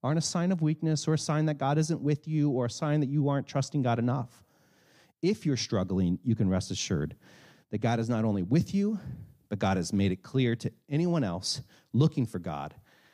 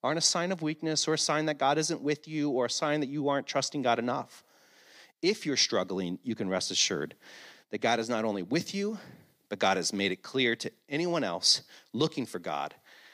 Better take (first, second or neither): first